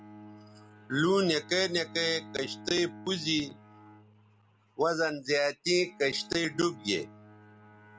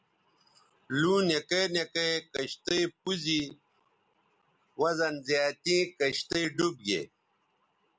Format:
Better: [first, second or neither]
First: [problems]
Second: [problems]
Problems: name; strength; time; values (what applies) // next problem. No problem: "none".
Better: second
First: background sound (Bowed string instrument); 19 dB below the speech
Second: none